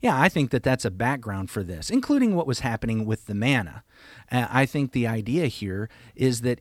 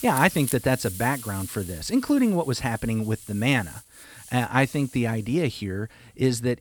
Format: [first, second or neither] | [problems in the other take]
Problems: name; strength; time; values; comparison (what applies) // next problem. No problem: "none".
first | hiss; noticeable; throughout; 15 dB below the speech